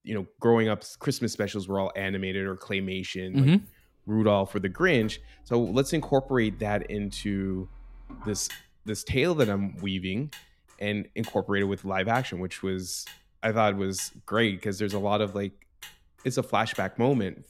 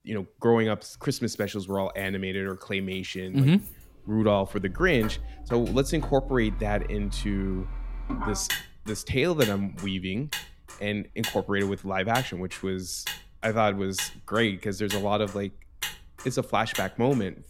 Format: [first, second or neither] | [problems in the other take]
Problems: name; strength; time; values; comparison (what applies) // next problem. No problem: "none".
first | traffic noise; loud; throughout; 9 dB below the speech; faint in the first